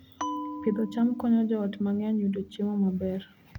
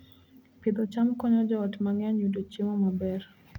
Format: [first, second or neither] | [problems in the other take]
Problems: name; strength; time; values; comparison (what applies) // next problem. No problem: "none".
second | background sound (Bell); 12 dB below the speech